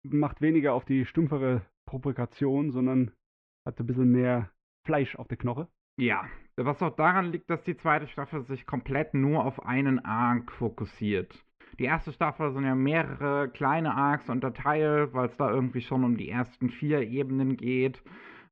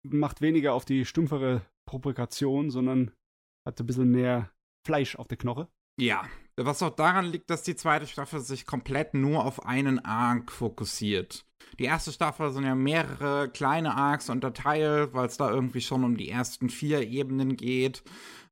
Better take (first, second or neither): second